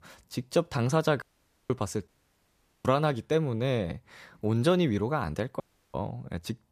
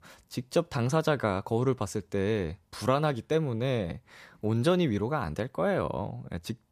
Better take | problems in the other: second | audio cutting out; at 1 s, at 2 s for 1 s and at 5.5 s

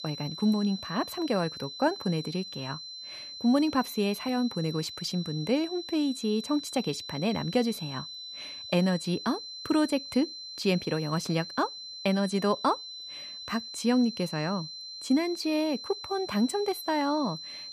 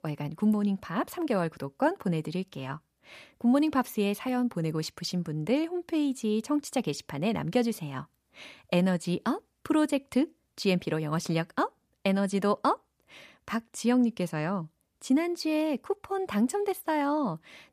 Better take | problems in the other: second | high-pitched whine; loud; throughout; 4 kHz, 9 dB below the speech

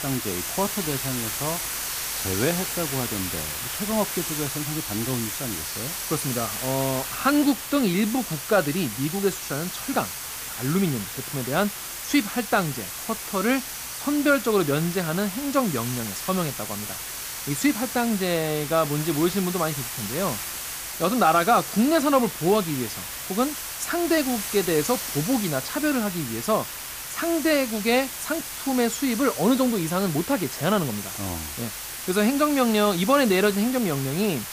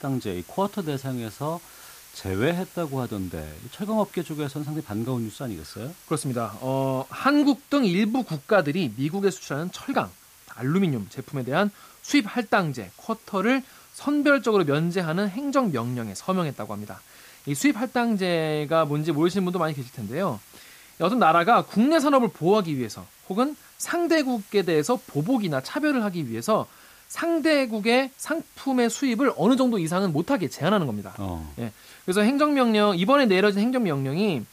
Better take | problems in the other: second | hiss; loud; throughout; 5 dB below the speech; faint in the second

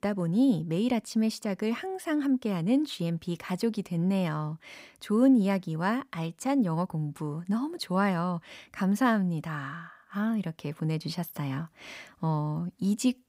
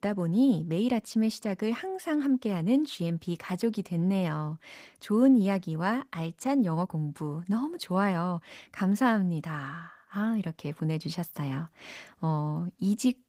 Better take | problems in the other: first | garbled, watery; slightly; nothing above 15.5 kHz

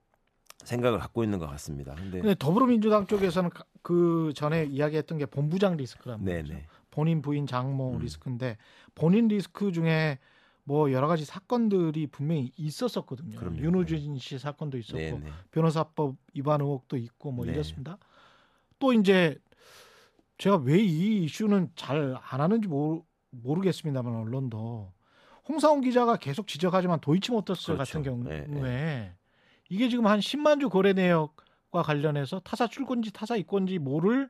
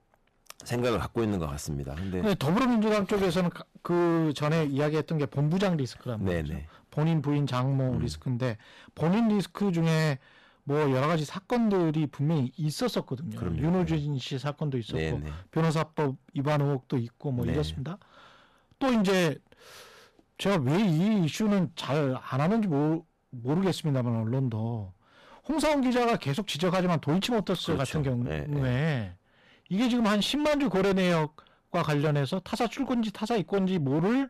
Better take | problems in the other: first | distortion; heavy; 20% of the sound clipped

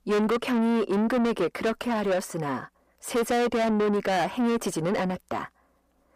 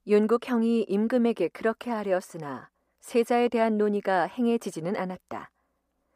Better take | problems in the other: second | distortion; heavy; 6 dB below the speech

